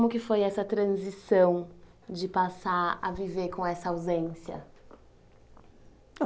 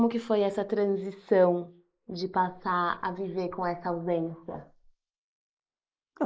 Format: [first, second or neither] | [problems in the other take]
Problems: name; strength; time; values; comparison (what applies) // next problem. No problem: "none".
first | noise reduction (neural mask model Resemble Enhance denoiser)